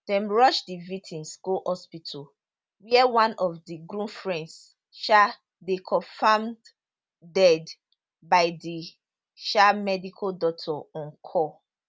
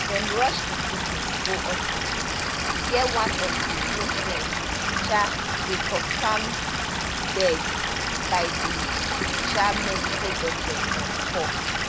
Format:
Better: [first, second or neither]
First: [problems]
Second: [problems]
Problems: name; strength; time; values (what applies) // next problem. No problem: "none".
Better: first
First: none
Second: background sound (Stream / Liquid); 4 dB above the speech